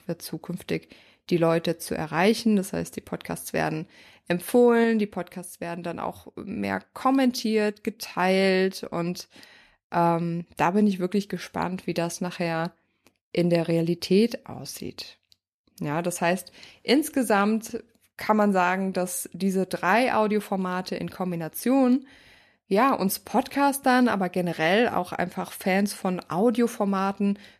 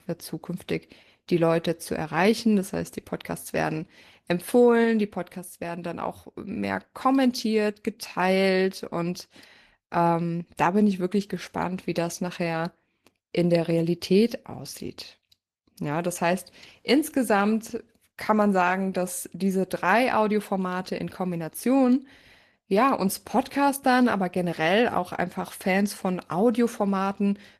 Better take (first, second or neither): first